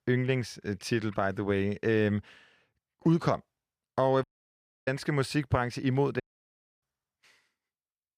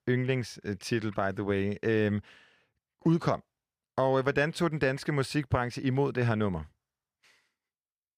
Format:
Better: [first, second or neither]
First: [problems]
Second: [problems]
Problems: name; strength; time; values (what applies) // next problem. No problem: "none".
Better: second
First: audio cutting out; at 4 s for 0.5 s and at 6 s for 0.5 s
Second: none